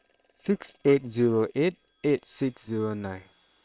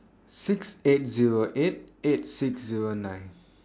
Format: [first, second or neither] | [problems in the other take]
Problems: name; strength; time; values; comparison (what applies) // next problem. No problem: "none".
second | noise reduction (neural separator model SepFormer WHAM!)